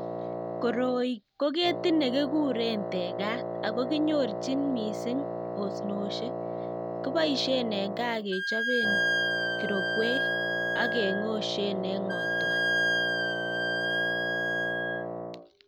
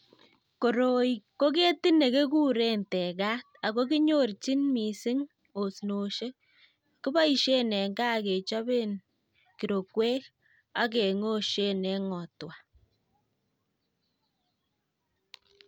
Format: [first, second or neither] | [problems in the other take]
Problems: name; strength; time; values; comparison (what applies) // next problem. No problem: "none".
second | background sound (Wind instrument, woodwind instrument + Wind instrument, woodwind instrument); 1 dB above the speech